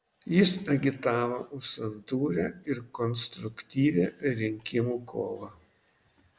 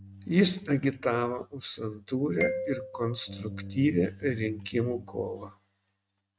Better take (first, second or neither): first